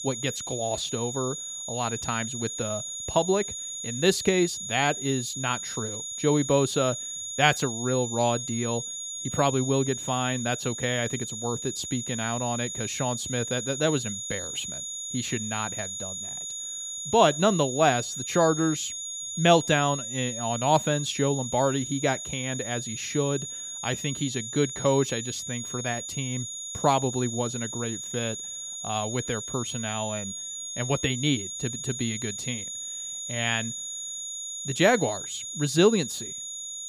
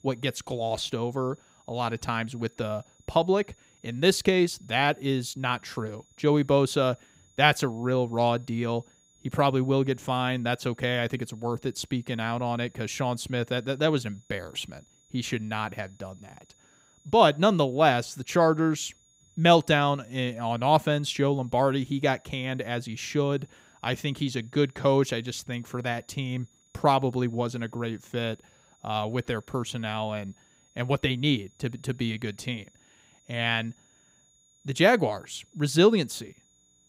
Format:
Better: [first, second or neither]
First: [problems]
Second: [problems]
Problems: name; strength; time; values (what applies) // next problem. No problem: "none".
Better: second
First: high-pitched whine; loud; throughout; 7 kHz, 5 dB below the speech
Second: high-pitched whine; faint; throughout; 7 kHz, 35 dB below the speech